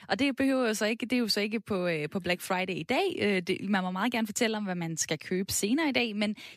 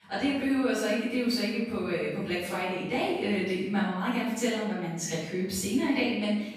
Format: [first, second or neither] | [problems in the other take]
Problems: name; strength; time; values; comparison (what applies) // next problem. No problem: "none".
first | off-mic speech; far // room echo; strong; dies away in 0.8 s